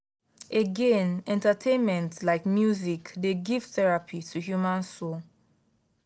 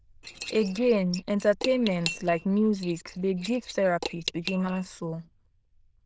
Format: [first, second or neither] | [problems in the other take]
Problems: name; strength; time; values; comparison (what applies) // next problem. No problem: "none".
first | noise reduction (neural diffusion model UNIVERSE++)